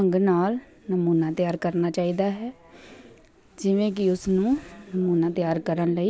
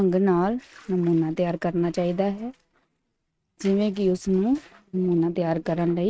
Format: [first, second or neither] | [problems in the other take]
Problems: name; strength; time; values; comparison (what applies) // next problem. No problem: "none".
first | noise reduction (neural mask model RNNoise)